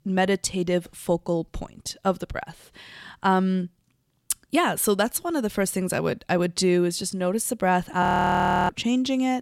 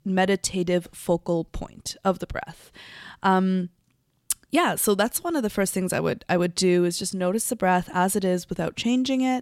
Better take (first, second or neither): second